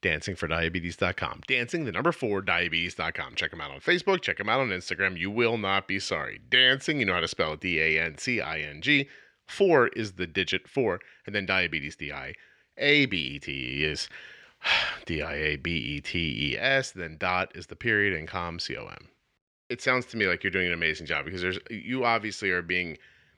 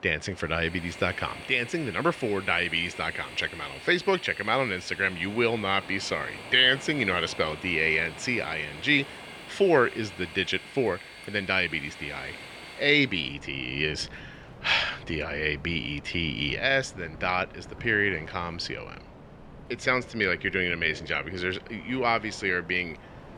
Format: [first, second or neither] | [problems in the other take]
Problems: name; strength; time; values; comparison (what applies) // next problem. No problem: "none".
first | train or aircraft noise; noticeable; throughout; 15 dB below the speech